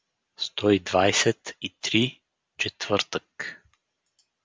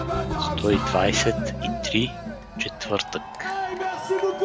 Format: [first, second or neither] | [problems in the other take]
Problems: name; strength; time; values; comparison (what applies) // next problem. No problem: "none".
first | background sound (Cheering); 1 dB above the speech